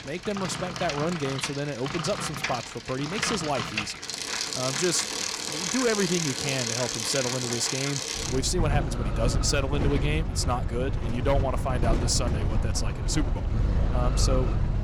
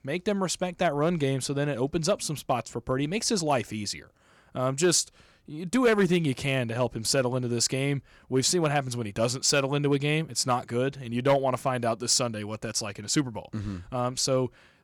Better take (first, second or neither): second